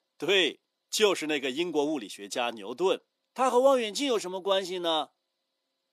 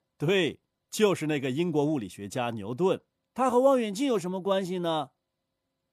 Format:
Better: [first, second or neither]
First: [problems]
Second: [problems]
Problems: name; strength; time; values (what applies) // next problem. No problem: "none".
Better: second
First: thin; very slightly; fading below 300 Hz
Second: none